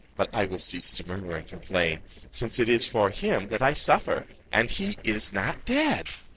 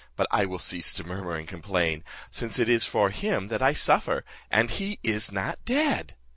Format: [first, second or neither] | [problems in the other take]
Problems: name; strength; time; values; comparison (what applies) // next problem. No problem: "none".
second | noise reduction (neural separator model SepFormer DNS4)